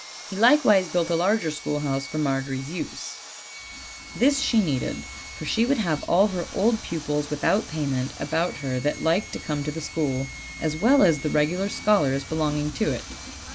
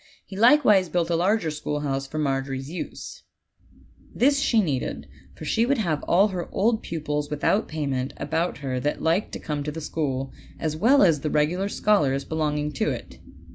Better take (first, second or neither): second